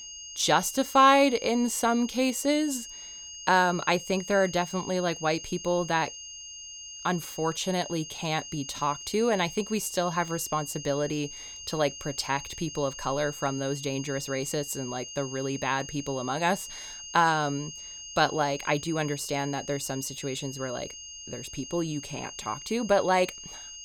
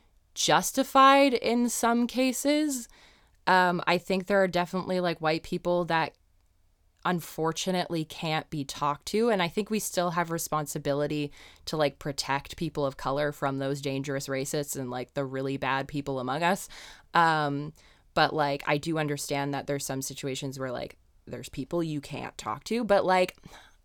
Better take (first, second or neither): second